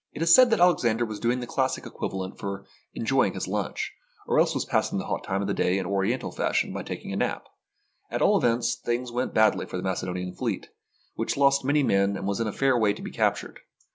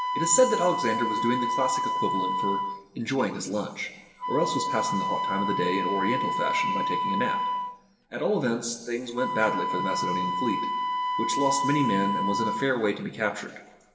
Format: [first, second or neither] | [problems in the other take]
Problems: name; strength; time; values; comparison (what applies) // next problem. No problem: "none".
first | background sound (Wind instrument, woodwind instrument); 1 dB below the speech // room echo; dies away in 1.2 s